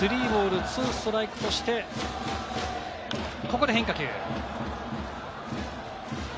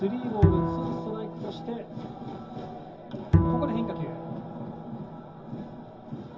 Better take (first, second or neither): first